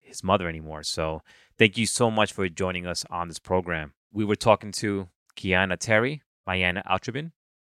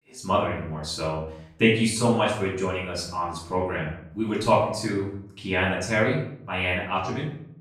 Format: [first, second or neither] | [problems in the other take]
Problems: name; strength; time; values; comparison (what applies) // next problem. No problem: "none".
first | off-mic speech; far // room echo; noticeable; dies away in 0.6 s